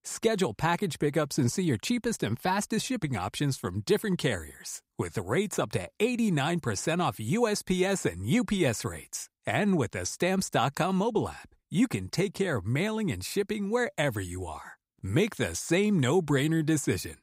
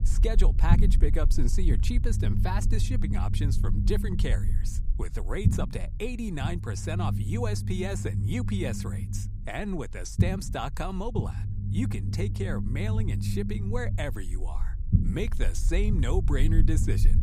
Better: first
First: none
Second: low rumble; loud; throughout; 6 dB below the speech

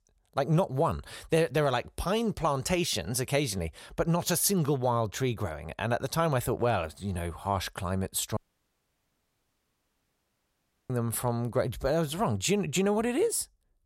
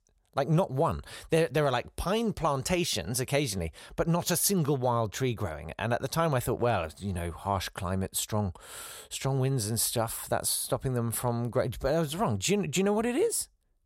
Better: second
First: audio cutting out; at 8.5 s for 2.5 s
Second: none

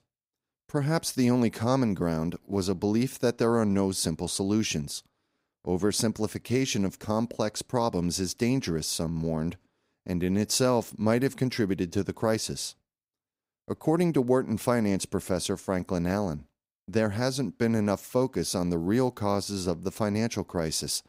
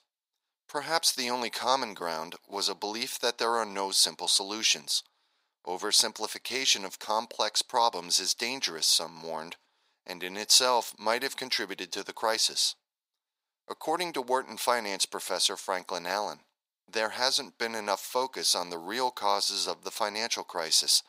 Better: first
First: none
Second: thin; very; fading below 750 Hz

